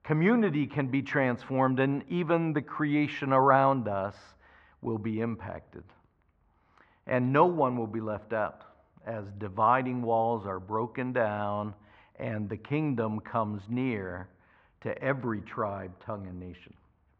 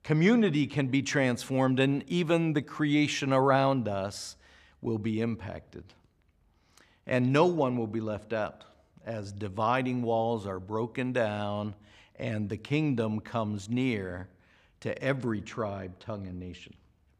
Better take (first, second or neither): second